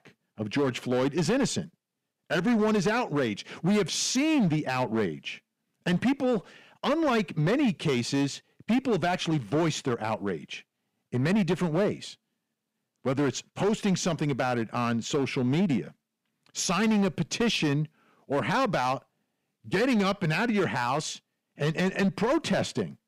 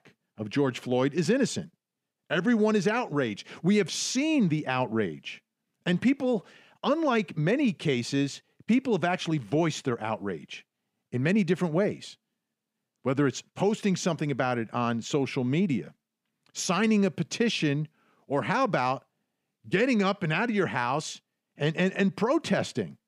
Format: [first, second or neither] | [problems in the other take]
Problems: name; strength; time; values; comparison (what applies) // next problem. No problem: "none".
second | distortion; slight; 10% of the sound clipped